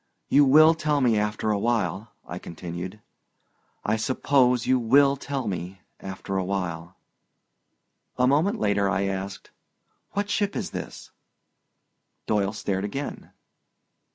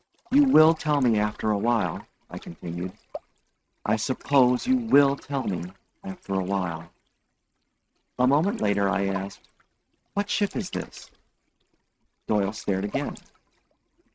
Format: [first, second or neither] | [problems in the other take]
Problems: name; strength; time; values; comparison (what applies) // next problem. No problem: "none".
first | noise reduction (neural mask model RNNoise)